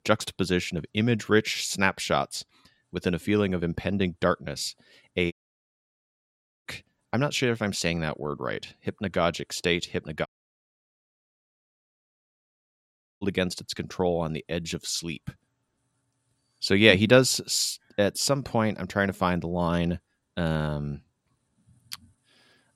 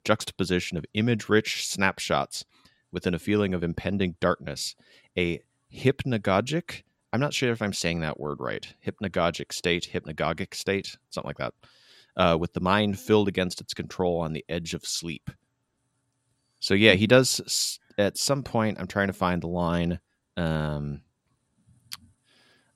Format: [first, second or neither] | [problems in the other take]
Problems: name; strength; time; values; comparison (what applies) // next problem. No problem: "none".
second | audio cutting out; at 5.5 s for 1.5 s and at 10 s for 3 s